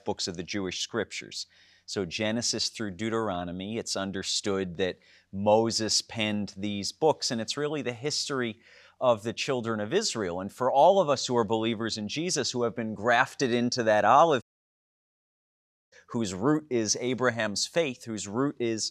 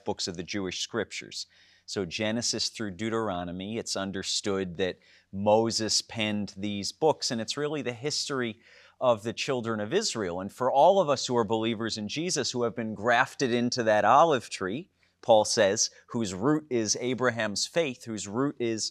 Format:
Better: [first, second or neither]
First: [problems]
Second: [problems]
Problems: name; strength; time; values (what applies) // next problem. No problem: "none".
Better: second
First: audio cutting out; at 14 s for 1.5 s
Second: none